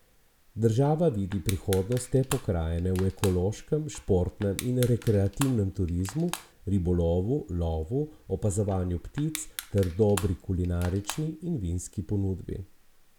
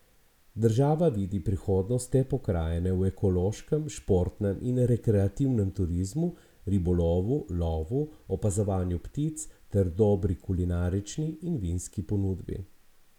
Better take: second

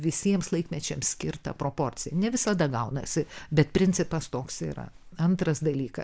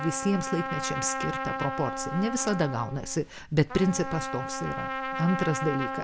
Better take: first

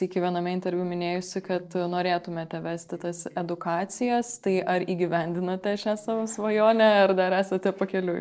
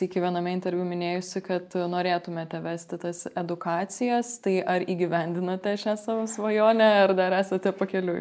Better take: second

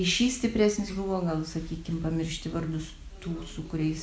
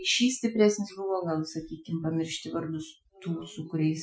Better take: first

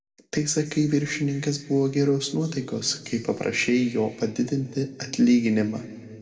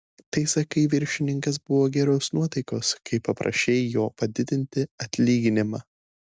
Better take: second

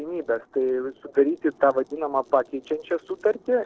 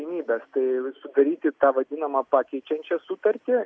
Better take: second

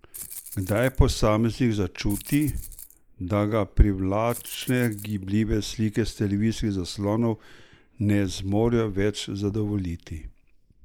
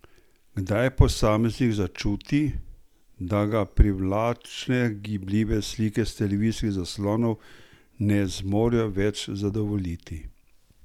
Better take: second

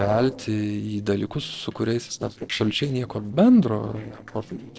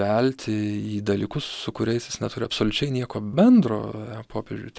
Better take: second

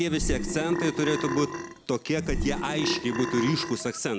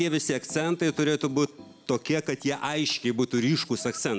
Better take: second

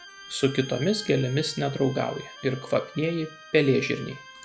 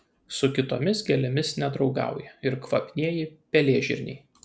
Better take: second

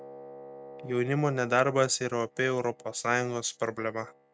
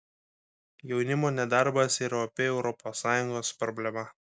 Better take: second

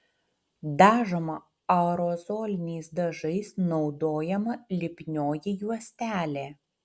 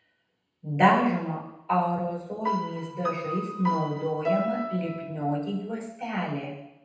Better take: first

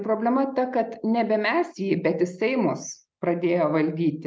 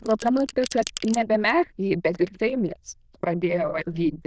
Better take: first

